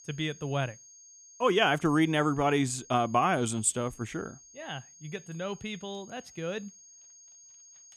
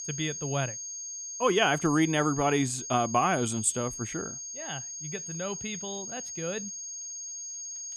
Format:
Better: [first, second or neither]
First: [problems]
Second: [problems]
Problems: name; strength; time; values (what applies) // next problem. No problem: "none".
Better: first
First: high-pitched whine; faint; throughout; 6.5 kHz, 20 dB below the speech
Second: high-pitched whine; loud; throughout; 6.5 kHz, 7 dB below the speech